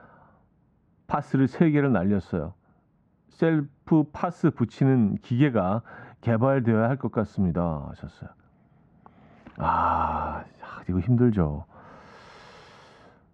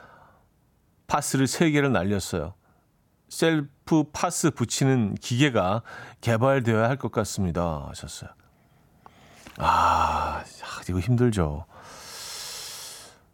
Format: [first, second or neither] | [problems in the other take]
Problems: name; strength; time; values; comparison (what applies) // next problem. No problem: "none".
second | muffled; very; fading above 1.5 kHz